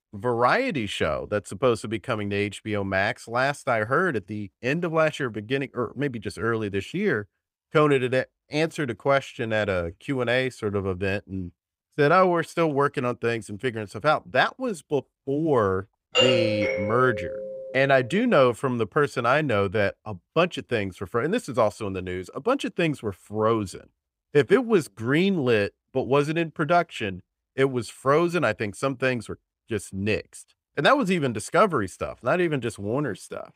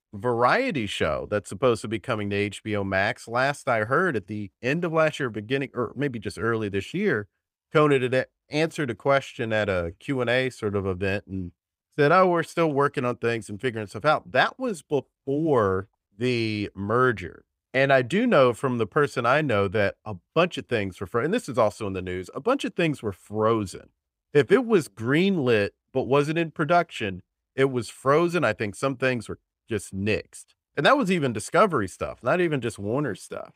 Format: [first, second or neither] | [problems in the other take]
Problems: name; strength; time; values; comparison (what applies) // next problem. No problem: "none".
second | doorbell; loud; from 16 to 18 s; peak 5 dB above the speech